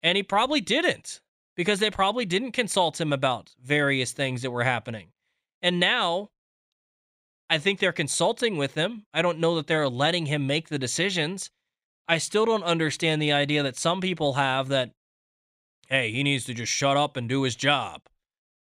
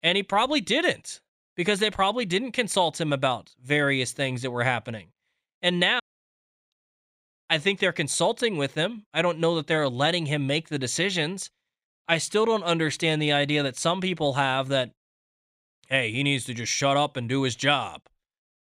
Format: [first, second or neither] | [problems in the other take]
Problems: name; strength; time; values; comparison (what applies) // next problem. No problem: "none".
first | audio cutting out; at 6 s